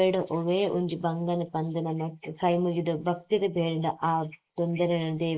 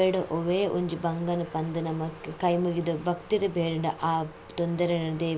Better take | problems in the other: second | noise reduction (neural mask model Resemble Enhance denoiser)

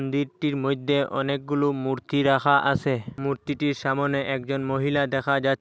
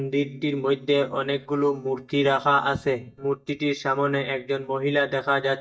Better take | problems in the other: first | noise reduction (neural mask model DeepFilterNet 3)

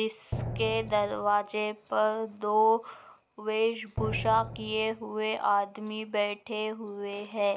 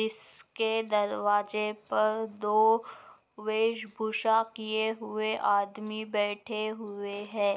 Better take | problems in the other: second | background sound (Drum); 7 dB below the speech

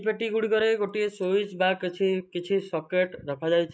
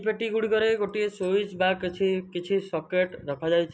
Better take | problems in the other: second | noise reduction (neural mask model Resemble Enhance denoiser)

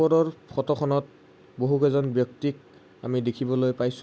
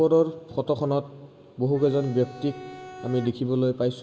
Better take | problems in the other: first | background sound (Bowed string instrument); 17 dB below the speech // room echo; dies away in 1.5 s

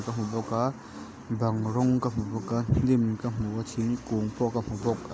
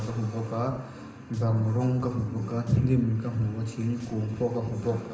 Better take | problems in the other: first | background sound (Drum); 20 dB below the speech // room echo; dies away in 0.9 s

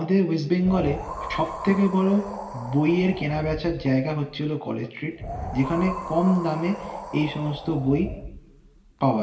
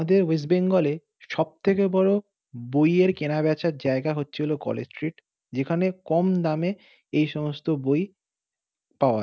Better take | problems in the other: second | background sound (Wind); 11 dB below the speech // room echo; dies away in 0.8 s

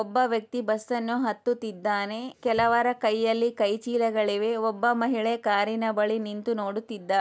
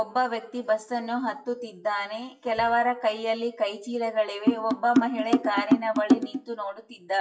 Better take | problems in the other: first | noise reduction (classical method WPE with log-MMSE)

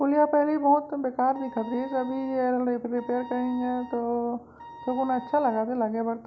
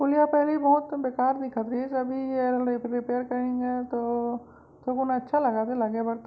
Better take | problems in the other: second | background sound (Wind instrument, woodwind instrument); 17 dB below the speech

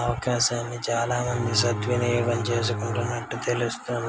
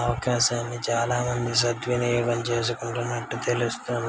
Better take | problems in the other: second | background sound (Bowed string instrument); 4 dB below the speech

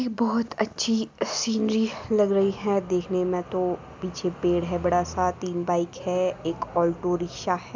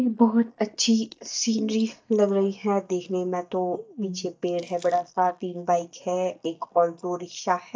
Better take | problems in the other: first | noise reduction (neural mask model DeepFilterNet 3)

